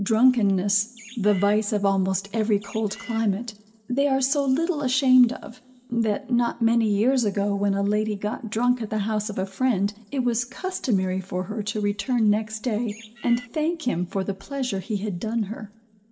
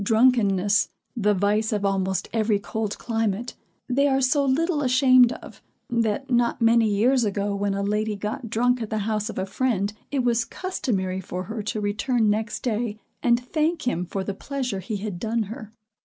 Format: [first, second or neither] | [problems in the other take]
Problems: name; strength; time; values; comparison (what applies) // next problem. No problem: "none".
second | background sound (Bird); 19 dB below the speech // room echo; dies away in 0.7 s